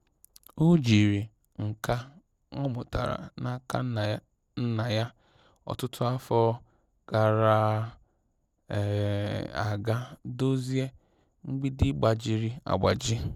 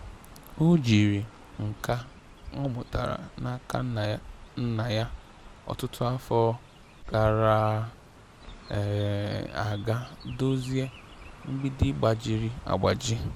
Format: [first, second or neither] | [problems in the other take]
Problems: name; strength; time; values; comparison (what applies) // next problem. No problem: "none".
first | background sound (Chirp, tweet); 17 dB below the speech